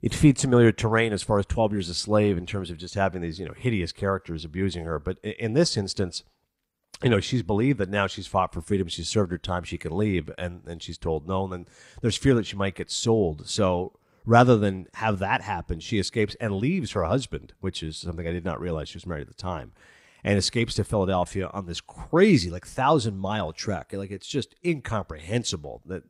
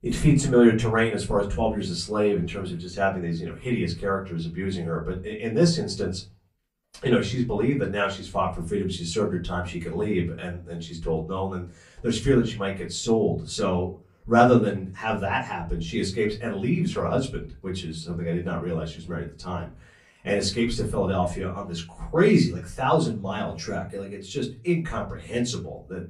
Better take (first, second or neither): first